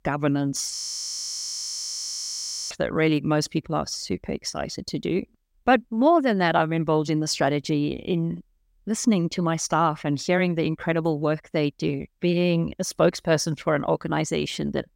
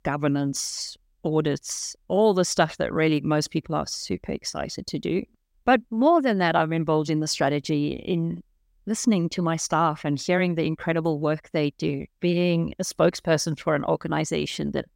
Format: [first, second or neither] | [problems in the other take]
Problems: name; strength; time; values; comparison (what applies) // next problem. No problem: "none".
second | audio freezing; at 1 s for 2 s